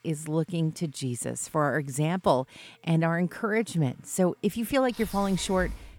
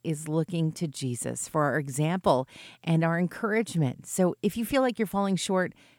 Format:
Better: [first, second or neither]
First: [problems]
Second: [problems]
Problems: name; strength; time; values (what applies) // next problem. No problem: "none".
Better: second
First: household noises; noticeable; throughout; 15 dB below the speech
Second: none